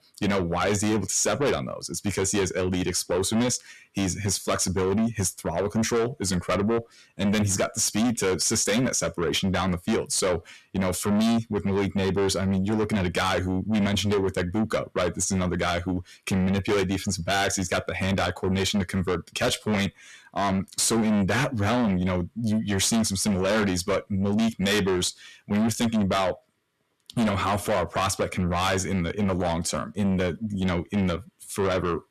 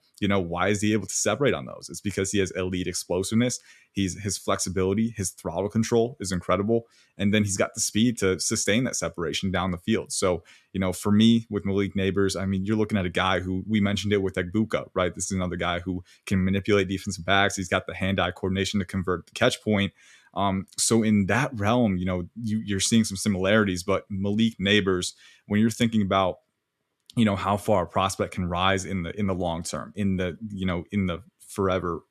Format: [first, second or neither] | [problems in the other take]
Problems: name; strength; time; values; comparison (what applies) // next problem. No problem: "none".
second | distortion; heavy; 6 dB below the speech